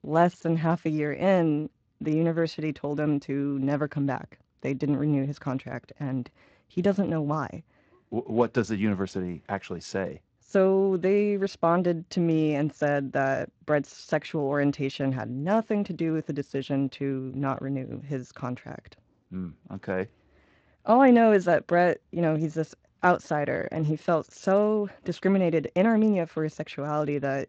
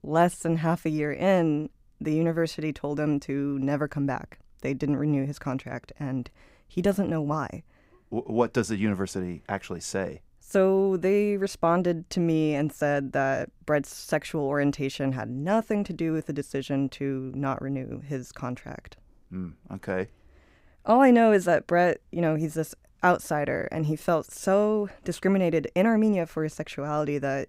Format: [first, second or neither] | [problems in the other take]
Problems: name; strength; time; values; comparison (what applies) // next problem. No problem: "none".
second | garbled, watery; slightly